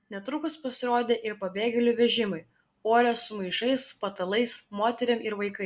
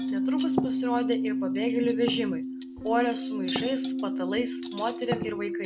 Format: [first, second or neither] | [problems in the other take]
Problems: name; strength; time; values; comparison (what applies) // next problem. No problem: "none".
first | background sound (Keyboard (musical) + Cutlery, silverware); 2 dB above the speech